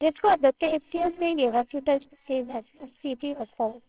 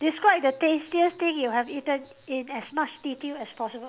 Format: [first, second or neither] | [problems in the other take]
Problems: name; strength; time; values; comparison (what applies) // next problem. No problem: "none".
second | noise reduction (neural separator model SepFormer WHAMR!)